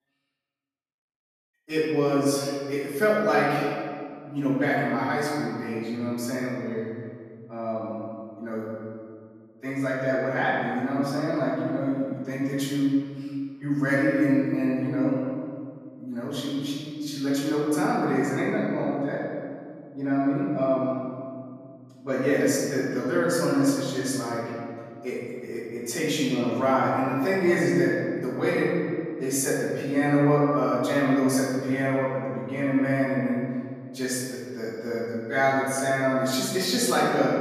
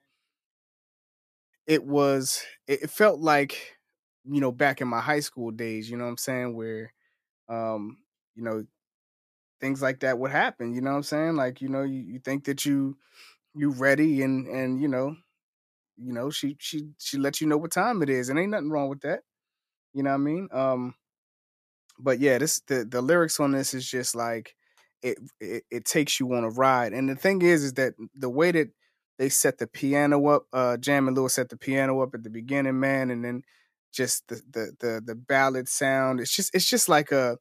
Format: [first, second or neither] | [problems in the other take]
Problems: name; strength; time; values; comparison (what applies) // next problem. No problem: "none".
second | off-mic speech; far // room echo; strong; dies away in 2.1 s